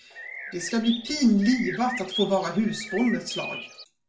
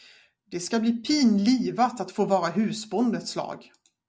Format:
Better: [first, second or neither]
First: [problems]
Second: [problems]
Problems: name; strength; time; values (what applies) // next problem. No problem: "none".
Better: second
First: background sound (Bird); 11 dB below the speech // room echo; dies away in 0.3 s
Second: none